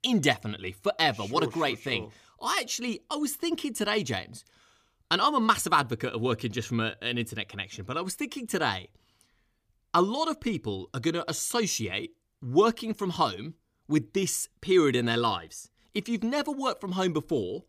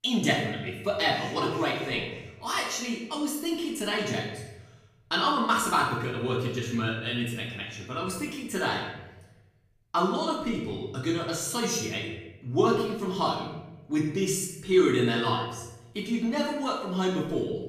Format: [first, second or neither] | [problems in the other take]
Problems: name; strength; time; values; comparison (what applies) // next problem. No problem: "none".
first | off-mic speech; far // room echo; noticeable; dies away in 0.8 s